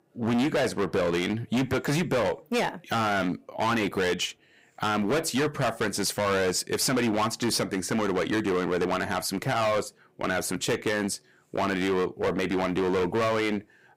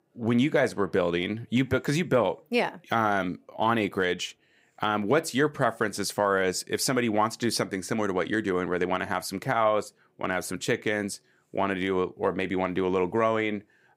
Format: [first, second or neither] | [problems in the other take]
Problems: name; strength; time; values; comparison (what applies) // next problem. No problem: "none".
second | distortion; heavy; 19% of the sound clipped